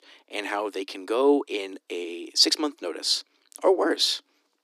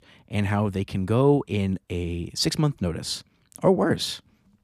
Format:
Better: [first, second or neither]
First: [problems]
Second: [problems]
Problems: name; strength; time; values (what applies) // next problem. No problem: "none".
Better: second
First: thin; somewhat; fading below 300 Hz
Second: none